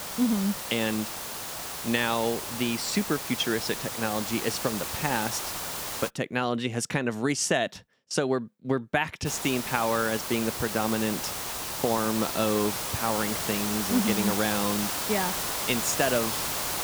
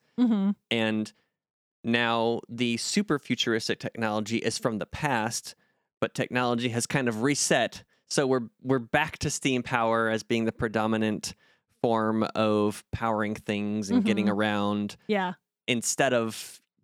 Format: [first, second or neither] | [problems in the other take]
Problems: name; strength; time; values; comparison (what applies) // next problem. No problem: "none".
second | hiss; loud; until 6 s and from 9.5 s on; 2 dB below the speech